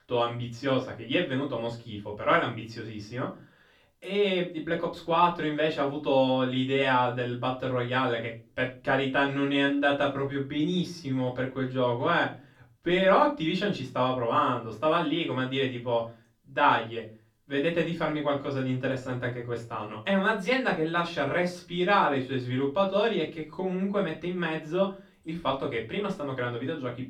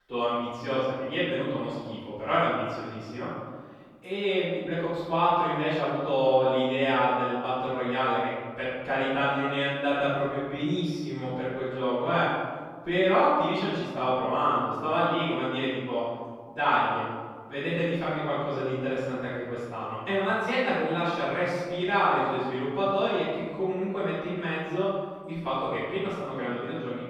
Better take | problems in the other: first | room echo; strong; dies away in 1.5 s; slight in the first // off-mic speech; far; far in the first

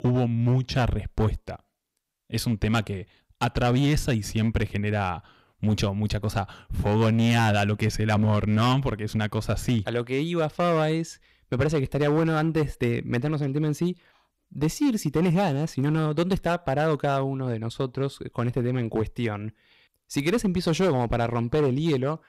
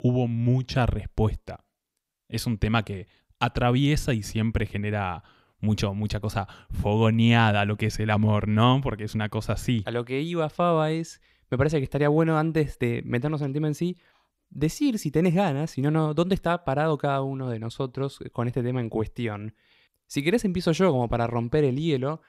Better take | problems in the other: second | distortion; slight; 8% of the sound clipped

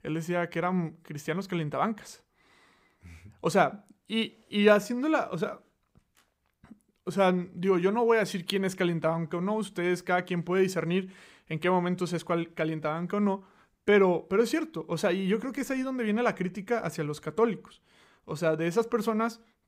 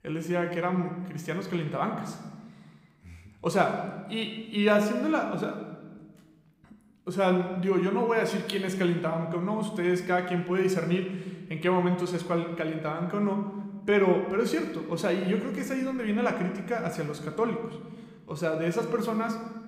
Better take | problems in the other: first | room echo; slight; dies away in 1.2 s

